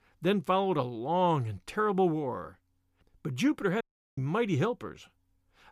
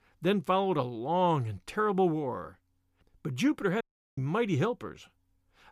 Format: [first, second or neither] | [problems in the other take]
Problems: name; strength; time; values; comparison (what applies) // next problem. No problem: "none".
neither | audio cutting out; at 4 s; the same in both